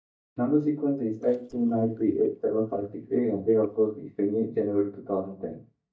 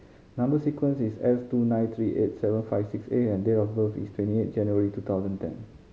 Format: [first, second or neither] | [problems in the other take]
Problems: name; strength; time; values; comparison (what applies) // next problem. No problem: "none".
second | noise reduction (neural mask model DeepFilterNet 3)